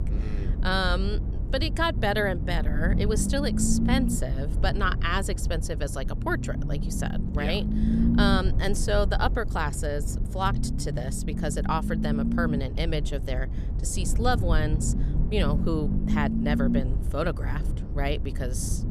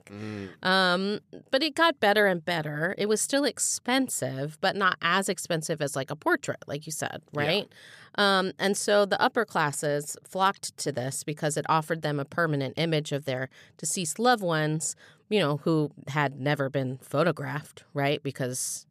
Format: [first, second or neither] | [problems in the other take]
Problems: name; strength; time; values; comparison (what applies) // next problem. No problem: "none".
second | low rumble; loud; throughout; 8 dB below the speech